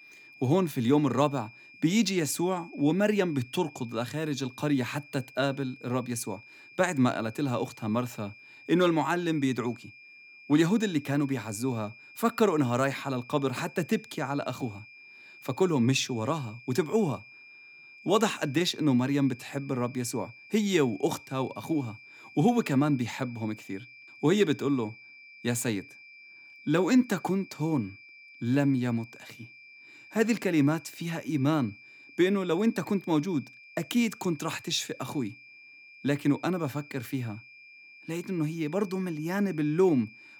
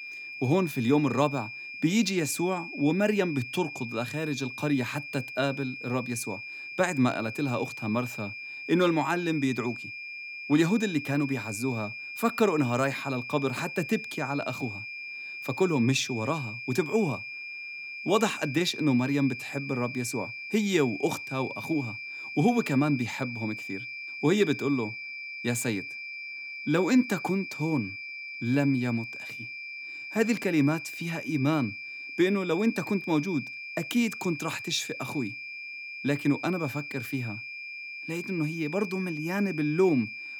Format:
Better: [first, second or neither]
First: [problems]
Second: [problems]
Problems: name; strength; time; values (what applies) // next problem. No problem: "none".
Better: first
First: high-pitched whine; faint; throughout; 2.5 kHz, 20 dB below the speech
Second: high-pitched whine; loud; throughout; 2.5 kHz, 8 dB below the speech